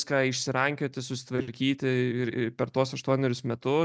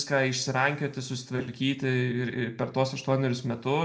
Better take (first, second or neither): first